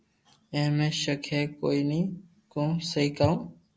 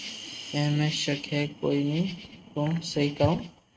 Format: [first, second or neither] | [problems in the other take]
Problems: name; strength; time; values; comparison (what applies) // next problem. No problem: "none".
first | noise reduction (neural mask model RNNoise)